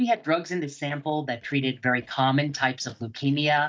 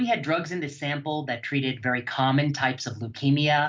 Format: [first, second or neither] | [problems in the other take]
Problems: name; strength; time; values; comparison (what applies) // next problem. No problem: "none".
second | noise reduction (neural mask model DeepFilterNet 3)